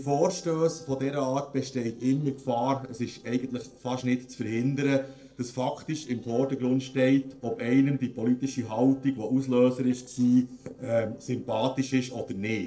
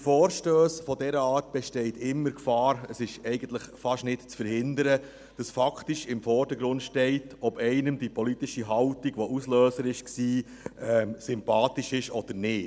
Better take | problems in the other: second | noise reduction (neural separator model SepFormer DNS4)

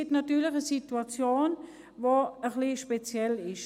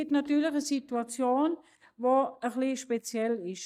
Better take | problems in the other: first | noise reduction (neural mask model DeepFilterNet 3)

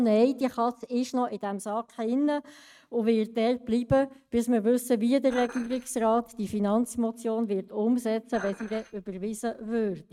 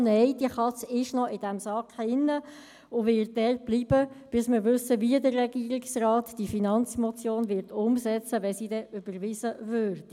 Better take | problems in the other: second | noise reduction (neural mask model RNNoise)

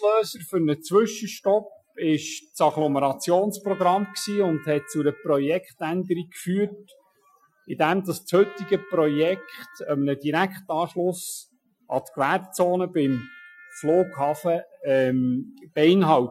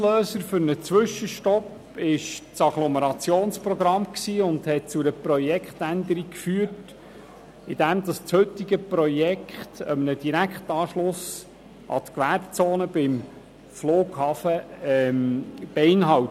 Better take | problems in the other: second | noise reduction (classical method Wiener filter)

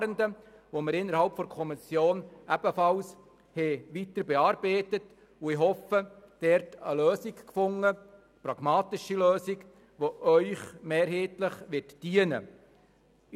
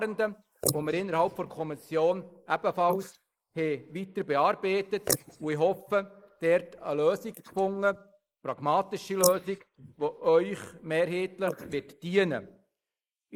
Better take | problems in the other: first | noise reduction (neural mask model Resemble Enhance denoiser)

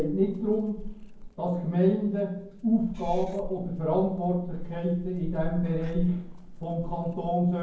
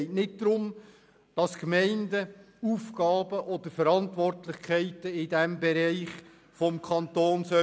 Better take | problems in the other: second | background sound (Meow / Purr); 9 dB below the speech // room echo; dies away in 0.9 s

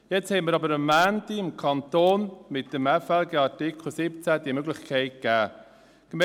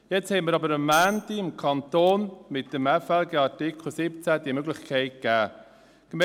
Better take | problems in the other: first | background sound (Tambourine); 19 dB below the speech

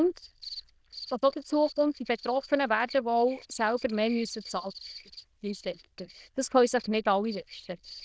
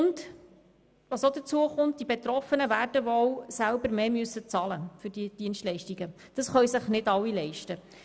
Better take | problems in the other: second | noise reduction (neural diffusion model UNIVERSE++)

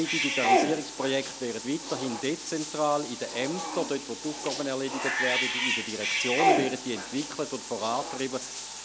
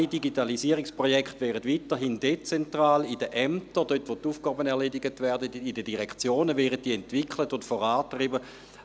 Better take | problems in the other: second | background sound (Bathtub (filling or washing) / Cat); 1 dB above the speech

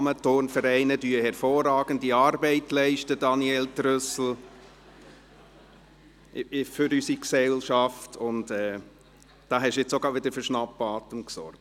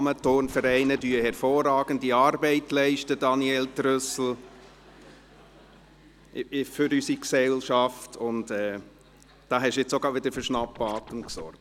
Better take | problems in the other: first | background sound (Scratching (performance technique)); 17 dB below the speech

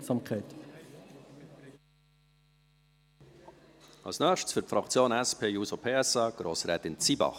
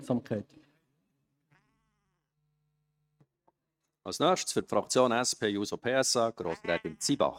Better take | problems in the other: first | noise reduction (neural mask model RNNoise)

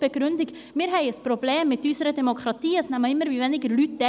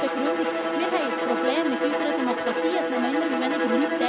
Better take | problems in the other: first | background sound (Bowed string instrument); 2 dB above the speech

